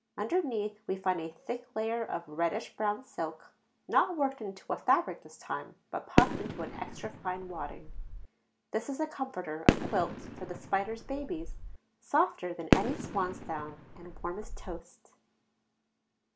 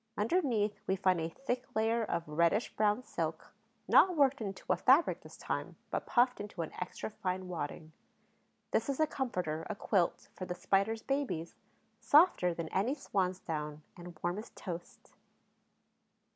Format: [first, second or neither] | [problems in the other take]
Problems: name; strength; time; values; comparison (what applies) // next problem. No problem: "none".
second | background sound (Fireworks); 1 dB above the speech // room echo; dies away in 0.3 s